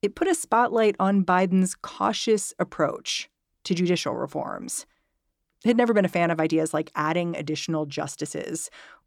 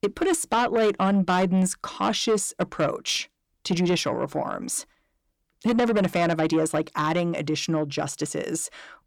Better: first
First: none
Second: distortion; slight; 10 dB below the speech

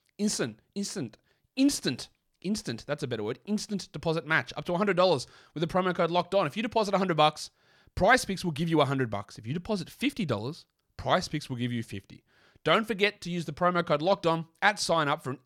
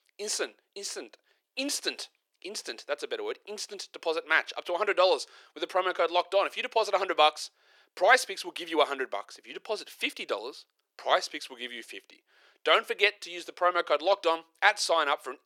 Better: first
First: none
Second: thin; very; fading below 400 Hz

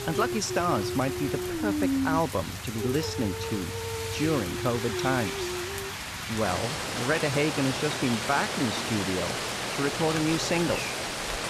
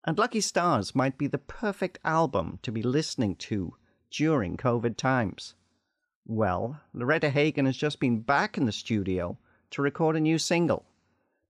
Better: second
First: rain or running water; loud; throughout; 1 dB below the speech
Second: none

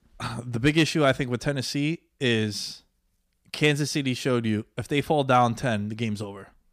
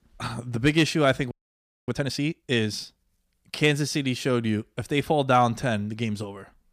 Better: first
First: none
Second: audio freezing; at 1.5 s for 0.5 s

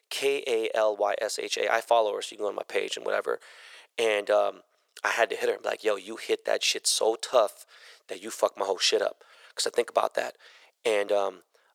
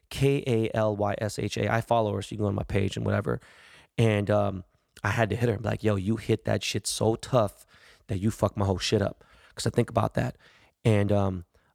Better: second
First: thin; very; fading below 450 Hz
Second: none

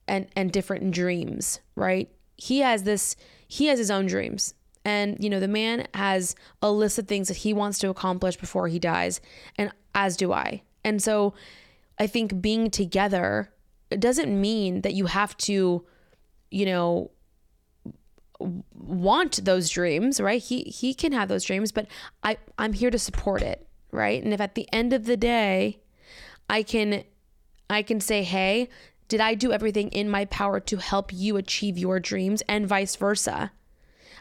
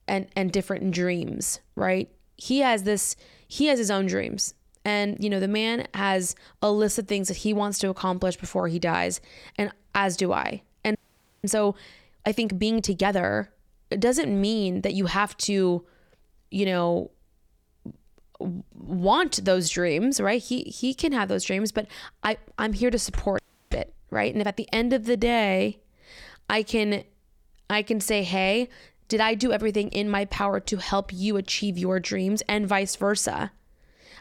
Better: first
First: none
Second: audio freezing; at 11 s and at 23 s

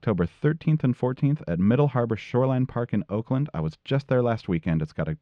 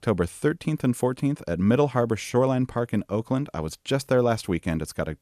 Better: second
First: muffled; slightly; fading above 3.5 kHz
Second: none

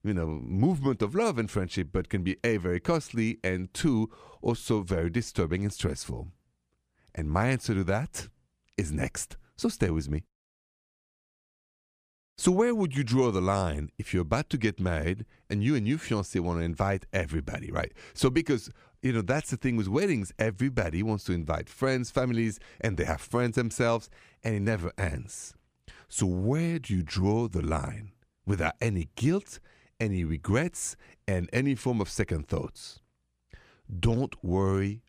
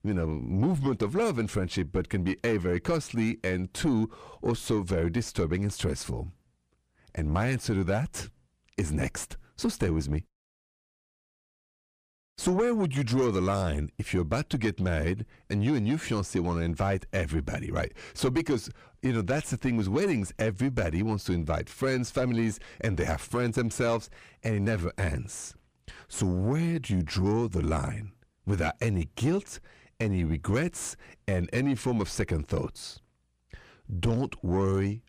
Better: first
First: none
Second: distortion; slight; 9 dB below the speech

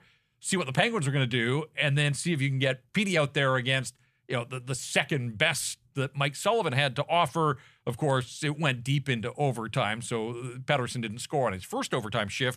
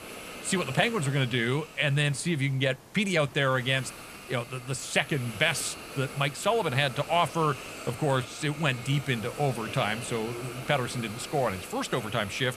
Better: first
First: none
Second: hiss; noticeable; throughout; 15 dB below the speech

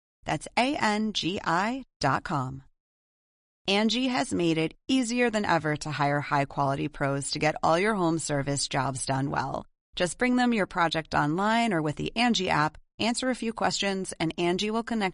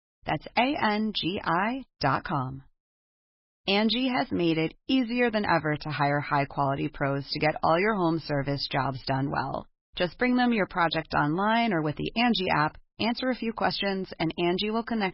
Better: first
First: garbled, watery; slightly; nothing above 10.5 kHz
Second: garbled, watery; badly; nothing above 5.5 kHz

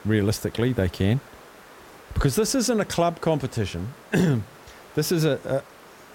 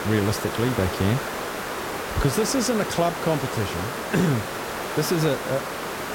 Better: first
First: hiss; faint; throughout; 20 dB below the speech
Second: hiss; loud; throughout; 4 dB below the speech

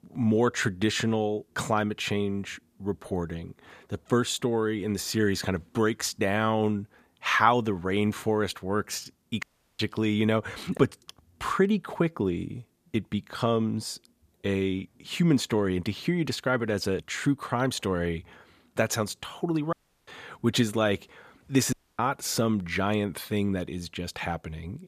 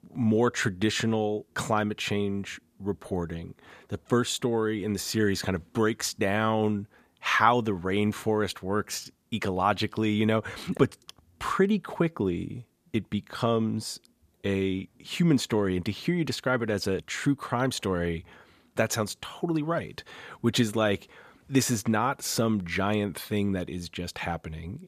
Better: second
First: audio cutting out; at 9.5 s, at 20 s and at 22 s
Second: none

